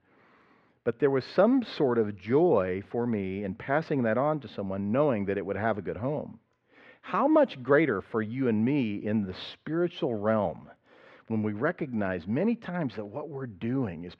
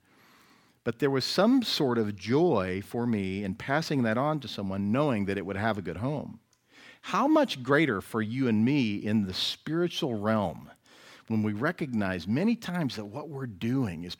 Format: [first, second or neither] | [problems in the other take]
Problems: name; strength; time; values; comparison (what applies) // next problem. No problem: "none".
second | muffled; very; fading above 2 kHz